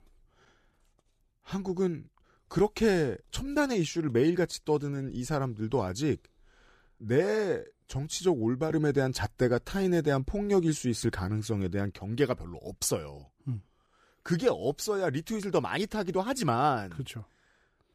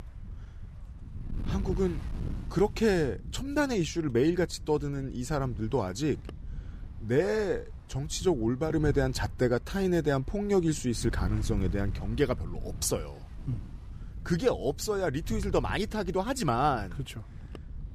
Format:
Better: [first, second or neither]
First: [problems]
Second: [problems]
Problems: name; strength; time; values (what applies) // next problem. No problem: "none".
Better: first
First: none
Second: wind noise on the microphone; occasional gusts; 20 dB below the speech